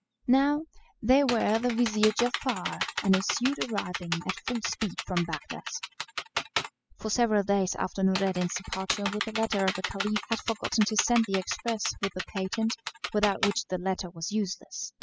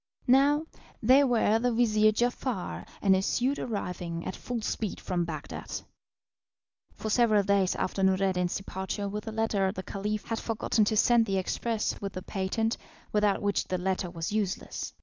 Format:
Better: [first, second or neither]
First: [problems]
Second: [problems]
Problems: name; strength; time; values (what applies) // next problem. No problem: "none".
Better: second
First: noise reduction (classical method spectral subtraction)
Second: none